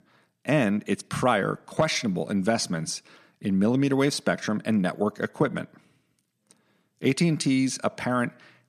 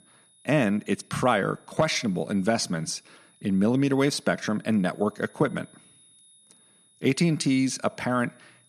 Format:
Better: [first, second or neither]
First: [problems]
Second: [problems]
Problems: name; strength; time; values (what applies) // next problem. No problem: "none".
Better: first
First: none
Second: high-pitched whine; faint; throughout; 10 kHz, 30 dB below the speech